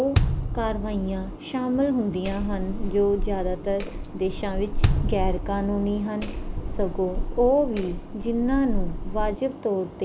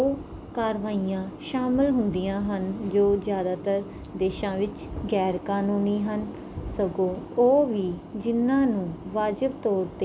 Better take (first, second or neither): second